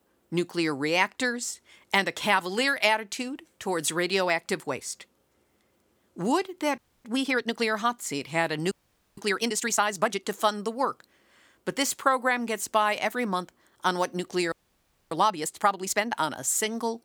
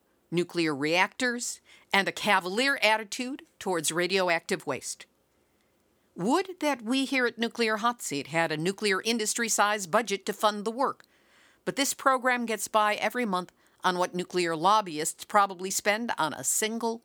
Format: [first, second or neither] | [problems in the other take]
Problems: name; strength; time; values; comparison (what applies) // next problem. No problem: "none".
second | audio freezing; at 7 s, at 8.5 s and at 15 s for 0.5 s